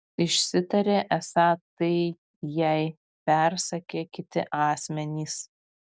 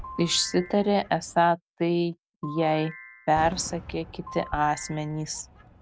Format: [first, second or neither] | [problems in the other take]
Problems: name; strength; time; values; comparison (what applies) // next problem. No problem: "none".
first | background sound (Ringtone / Chime + Fireworks); 16 dB below the speech